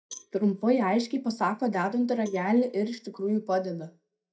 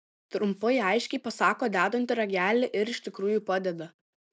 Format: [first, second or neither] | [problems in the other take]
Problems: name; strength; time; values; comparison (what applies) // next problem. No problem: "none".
second | noise reduction (neural mask model DeepFilterNet 3)